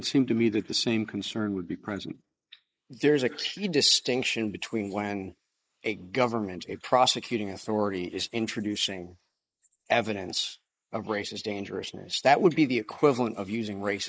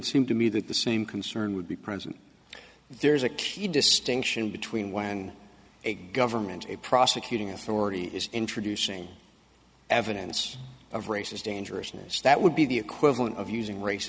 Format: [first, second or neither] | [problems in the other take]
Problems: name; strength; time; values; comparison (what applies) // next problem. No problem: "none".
second | noise reduction (neural mask model Resemble Enhance denoiser)